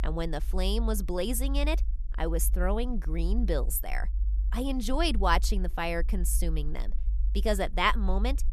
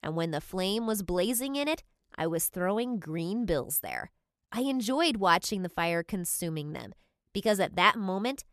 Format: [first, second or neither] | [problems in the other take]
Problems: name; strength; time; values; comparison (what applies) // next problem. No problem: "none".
second | low rumble; faint; throughout; 25 dB below the speech